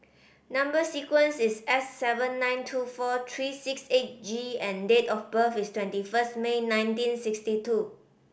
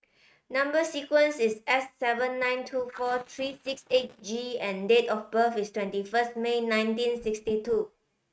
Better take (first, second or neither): first